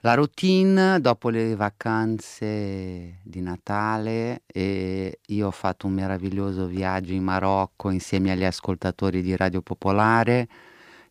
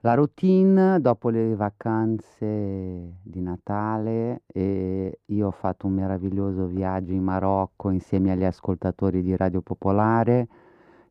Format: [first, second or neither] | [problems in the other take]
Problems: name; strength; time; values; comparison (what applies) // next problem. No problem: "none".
first | muffled; very; fading above 1.5 kHz